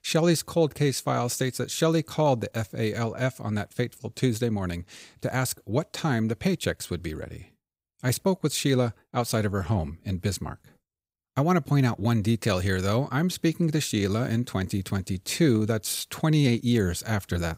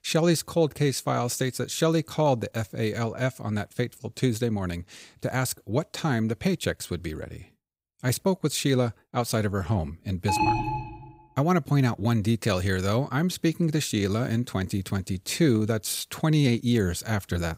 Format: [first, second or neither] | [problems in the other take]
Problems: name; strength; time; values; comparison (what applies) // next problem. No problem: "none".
first | alarm; loud; at 10 s; peak 2 dB above the speech